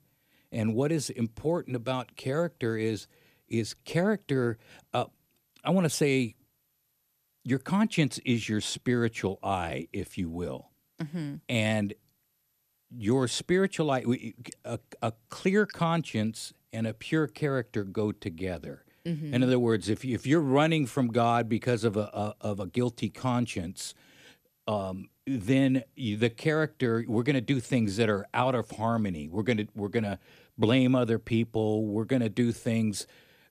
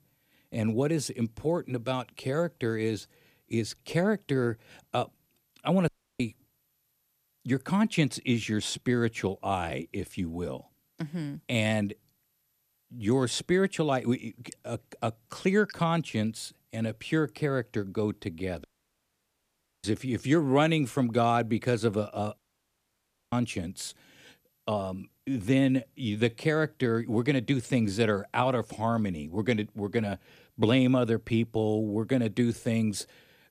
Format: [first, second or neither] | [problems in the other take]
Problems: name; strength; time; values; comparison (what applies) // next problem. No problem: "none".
first | audio cutting out; at 6 s, at 19 s for 1 s and at 22 s for 1 s